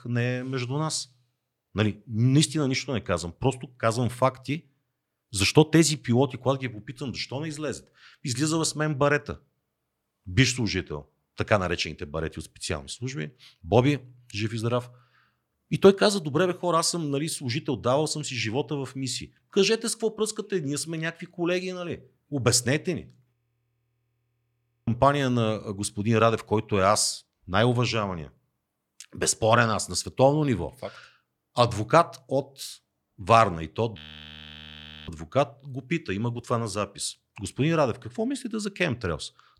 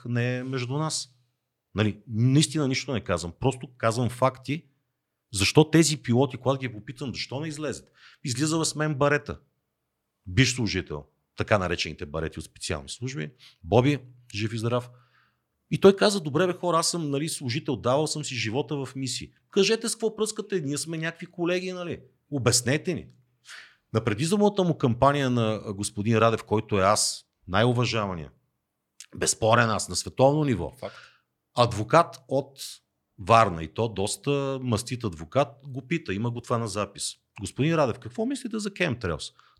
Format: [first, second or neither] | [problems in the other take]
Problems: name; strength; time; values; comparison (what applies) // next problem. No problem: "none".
second | audio freezing; at 23 s for 1.5 s and at 34 s for 1 s